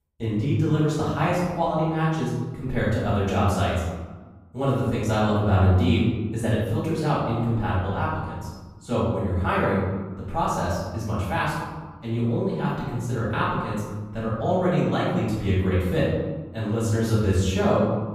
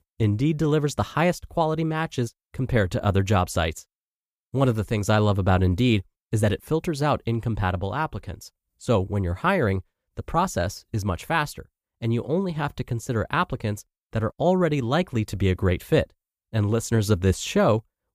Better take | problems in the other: second | room echo; noticeable; dies away in 1.2 s // off-mic speech; far

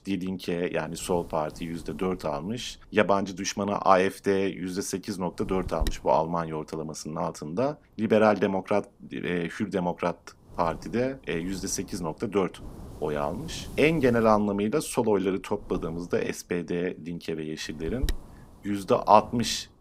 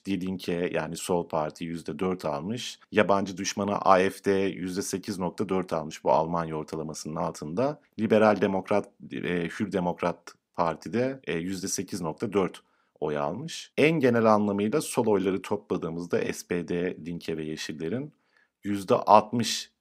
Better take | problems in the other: second | wind noise on the microphone; occasional gusts; 20 dB below the speech

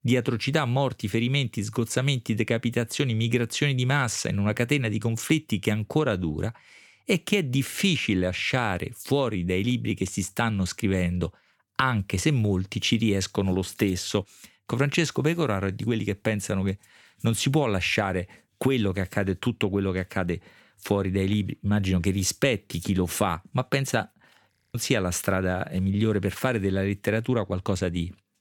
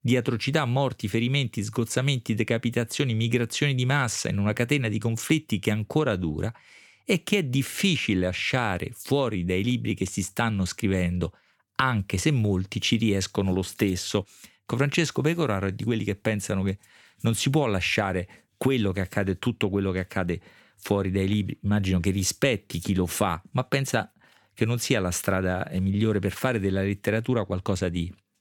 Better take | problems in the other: second | audio freezing; at 25 s

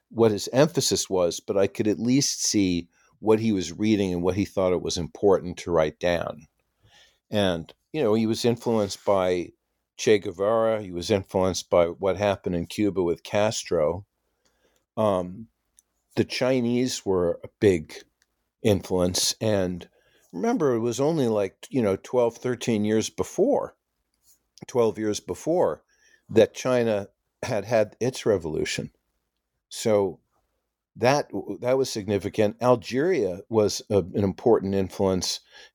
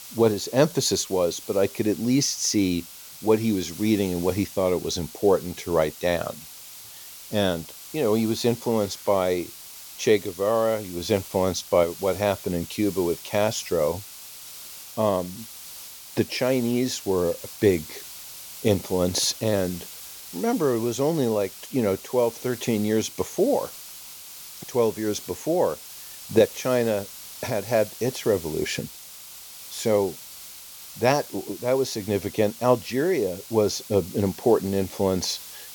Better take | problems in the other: first | hiss; noticeable; throughout; 15 dB below the speech

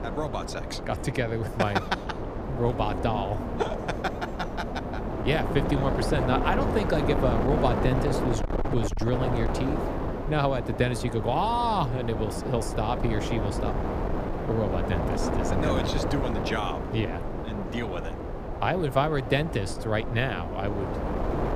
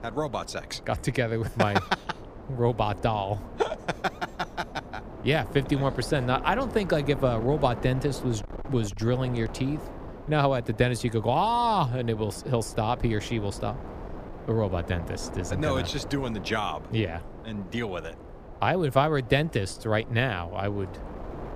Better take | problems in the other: second | wind noise on the microphone; heavy; 3 dB below the speech; occasional gusts in the second

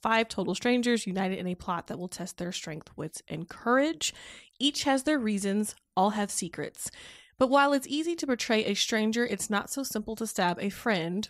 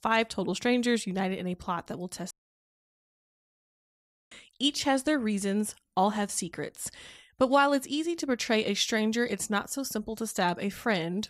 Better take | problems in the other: first | audio cutting out; at 2.5 s for 2 s

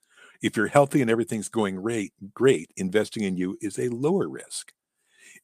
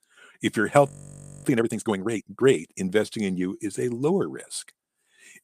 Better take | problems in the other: first | audio freezing; at 1 s for 0.5 s

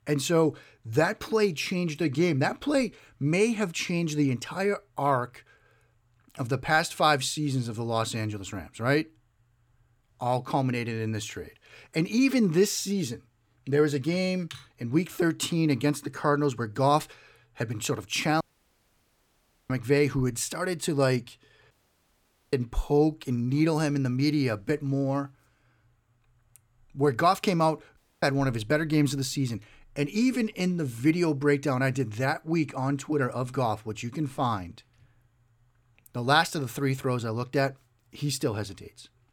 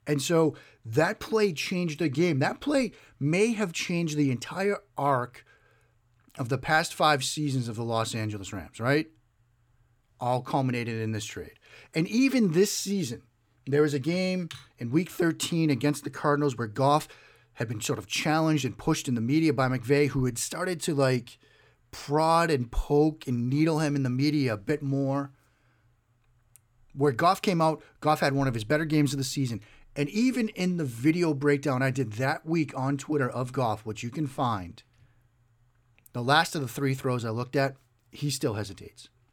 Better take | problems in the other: second | audio cutting out; at 18 s for 1.5 s, at 22 s for 1 s and at 28 s

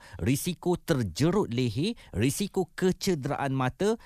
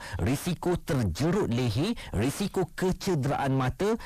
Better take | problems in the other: first | distortion; heavy; 5 dB below the speech

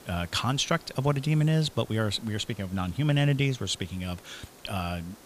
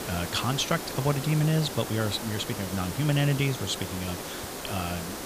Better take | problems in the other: first | hiss; loud; throughout; 7 dB below the speech; faint in the first

